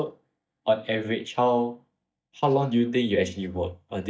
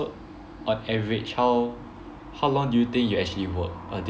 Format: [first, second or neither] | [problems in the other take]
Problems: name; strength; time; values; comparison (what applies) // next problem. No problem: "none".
second | noise reduction (neural mask model DeepFilterNet 3)